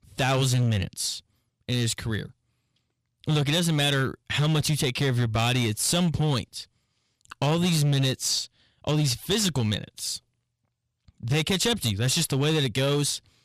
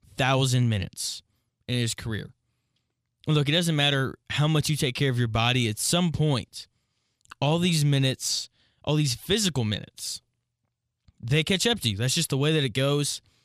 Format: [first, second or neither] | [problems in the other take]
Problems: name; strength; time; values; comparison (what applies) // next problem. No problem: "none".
second | distortion; slight; 11% of the sound clipped